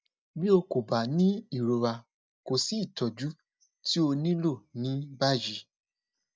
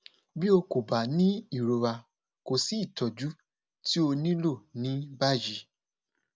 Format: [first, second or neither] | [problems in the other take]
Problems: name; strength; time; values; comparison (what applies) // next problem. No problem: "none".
second | noise reduction (neural mask model DeepFilterNet 3)